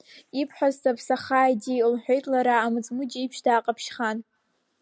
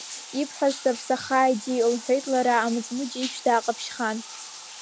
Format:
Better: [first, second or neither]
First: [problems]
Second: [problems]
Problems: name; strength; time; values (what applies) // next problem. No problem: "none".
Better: first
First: none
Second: background sound (Bathtub (filling or washing)); 14 dB below the speech